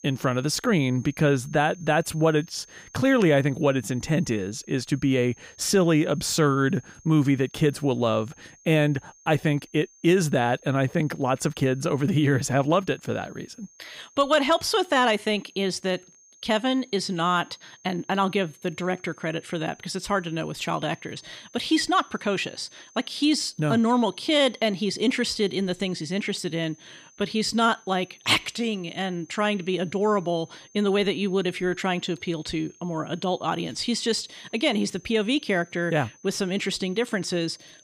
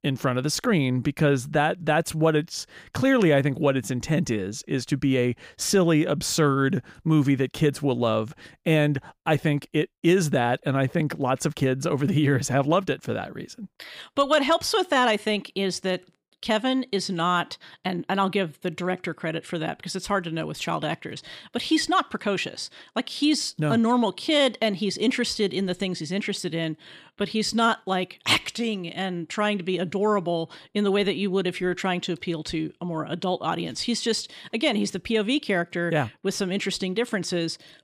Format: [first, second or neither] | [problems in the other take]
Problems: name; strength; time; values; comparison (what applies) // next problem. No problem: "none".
second | high-pitched whine; faint; throughout; 6.5 kHz, 25 dB below the speech